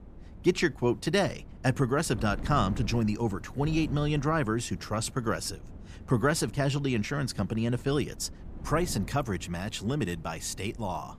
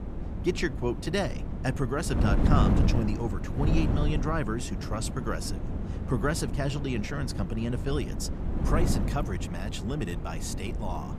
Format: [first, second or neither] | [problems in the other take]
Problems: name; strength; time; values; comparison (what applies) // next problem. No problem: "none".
first | wind noise on the microphone; heavy; 6 dB below the speech; occasional gusts in the first